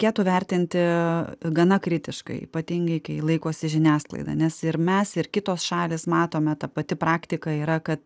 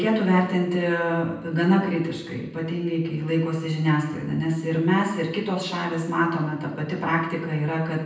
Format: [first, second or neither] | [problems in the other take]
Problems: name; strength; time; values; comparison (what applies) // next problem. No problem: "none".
first | room echo; dies away in 0.9 s